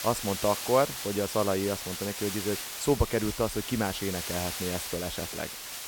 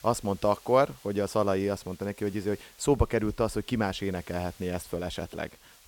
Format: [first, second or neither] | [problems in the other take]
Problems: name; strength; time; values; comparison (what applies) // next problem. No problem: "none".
second | hiss; loud; throughout; 4 dB below the speech; faint in the second